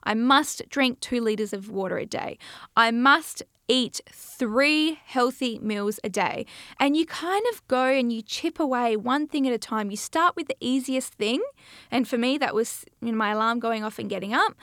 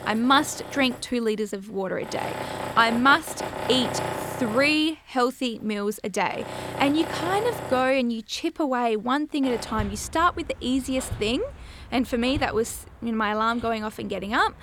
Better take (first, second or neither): first